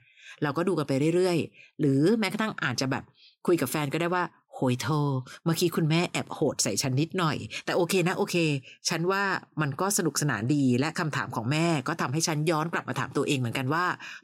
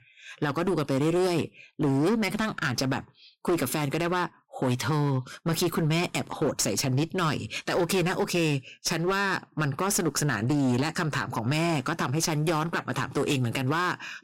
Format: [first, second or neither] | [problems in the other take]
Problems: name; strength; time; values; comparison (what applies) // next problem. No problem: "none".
first | distortion; slight; 17% of the sound clipped